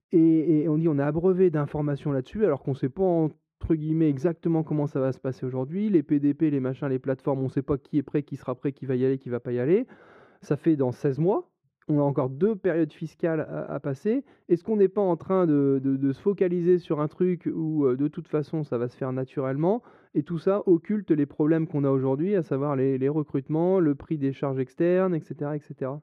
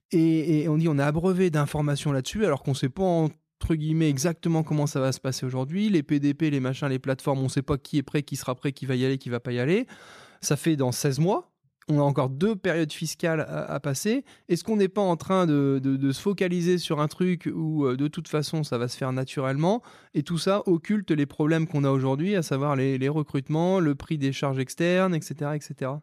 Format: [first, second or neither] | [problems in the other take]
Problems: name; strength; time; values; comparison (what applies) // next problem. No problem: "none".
second | muffled; very; fading above 3.5 kHz